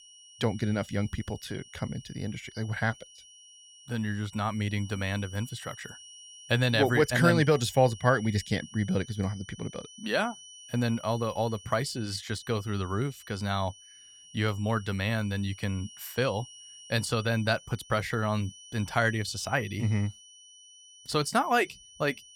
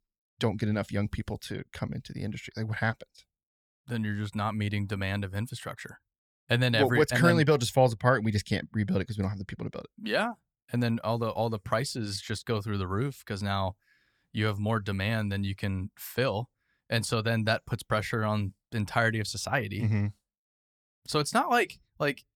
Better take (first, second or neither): second